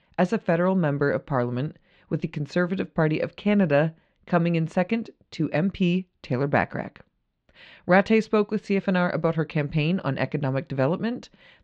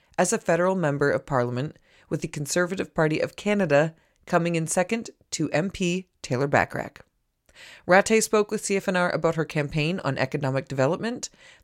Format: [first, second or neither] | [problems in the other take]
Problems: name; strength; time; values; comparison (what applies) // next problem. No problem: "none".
second | muffled; slightly; fading above 3.5 kHz